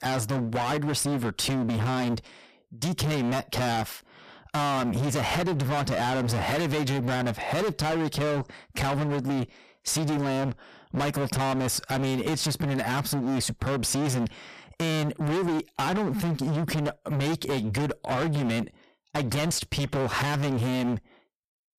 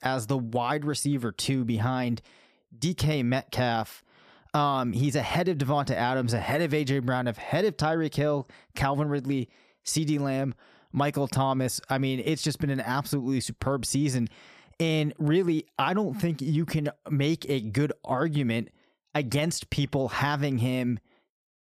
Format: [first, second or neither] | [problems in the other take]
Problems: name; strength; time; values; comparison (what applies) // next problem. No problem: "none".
second | distortion; heavy; 36% of the sound clipped